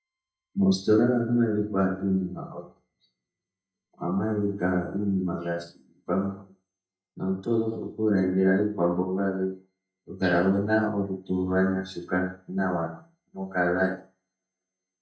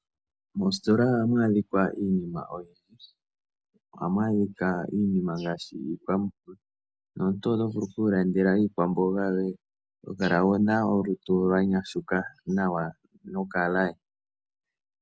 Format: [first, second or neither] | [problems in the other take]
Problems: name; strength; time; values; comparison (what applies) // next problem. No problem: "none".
second | noise reduction (neural mask model DeepFilterNet 3)